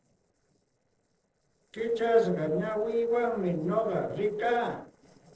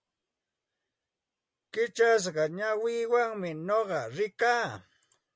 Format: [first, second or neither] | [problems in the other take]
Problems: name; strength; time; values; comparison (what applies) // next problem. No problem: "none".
second | noise reduction (neural separator model SepFormer DNS4)